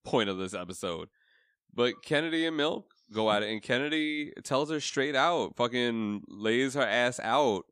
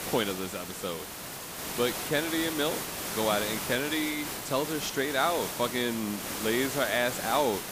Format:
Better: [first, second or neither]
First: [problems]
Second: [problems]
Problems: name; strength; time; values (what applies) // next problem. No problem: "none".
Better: first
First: none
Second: hiss; loud; throughout; 4 dB below the speech